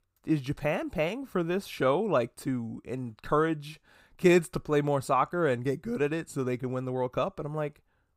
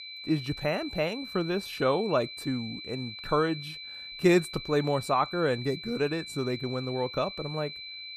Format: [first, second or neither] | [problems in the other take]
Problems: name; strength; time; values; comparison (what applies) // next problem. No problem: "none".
first | high-pitched whine; loud; throughout; 4 kHz, 10 dB below the speech